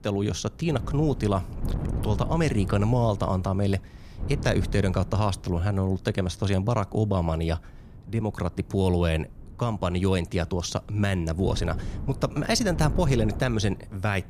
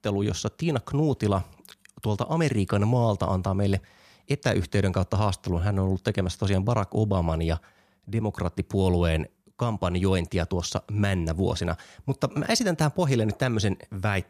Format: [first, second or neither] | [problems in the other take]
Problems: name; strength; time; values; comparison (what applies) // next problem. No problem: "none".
second | wind noise on the microphone; occasional gusts; 15 dB below the speech